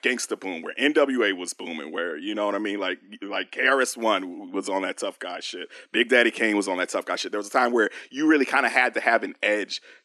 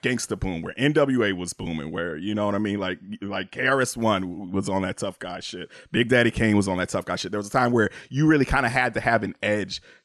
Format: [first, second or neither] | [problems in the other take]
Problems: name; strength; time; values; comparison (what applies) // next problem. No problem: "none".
second | thin; very slightly; fading below 250 Hz